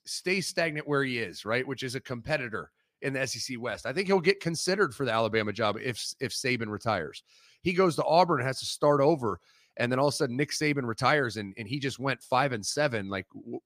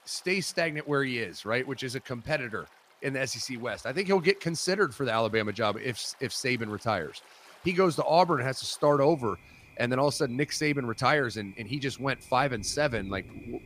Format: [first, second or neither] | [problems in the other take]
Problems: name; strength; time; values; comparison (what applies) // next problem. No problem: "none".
first | rain or running water; faint; throughout; 25 dB below the speech